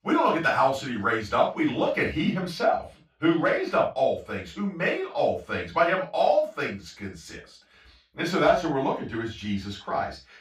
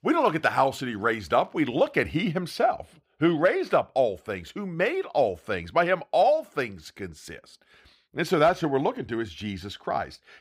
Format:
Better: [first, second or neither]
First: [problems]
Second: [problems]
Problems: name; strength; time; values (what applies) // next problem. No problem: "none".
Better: second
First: room echo; noticeable; dies away in 0.2 s // off-mic speech; far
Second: none